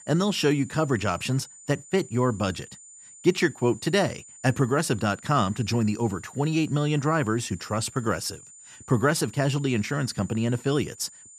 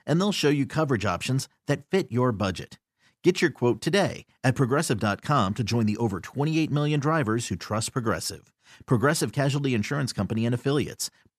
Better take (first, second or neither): second